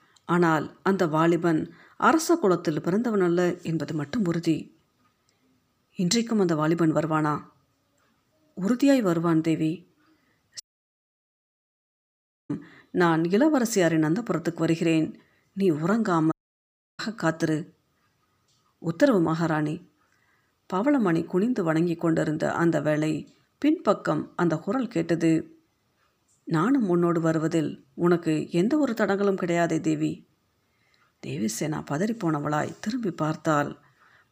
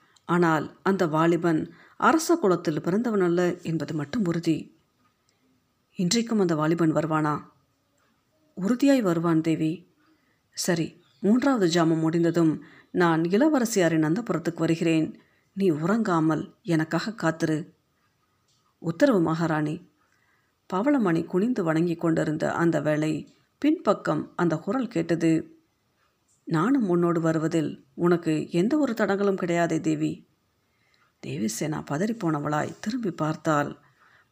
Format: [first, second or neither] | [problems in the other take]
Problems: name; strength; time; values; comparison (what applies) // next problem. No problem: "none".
second | audio cutting out; at 11 s for 2 s and at 16 s for 0.5 s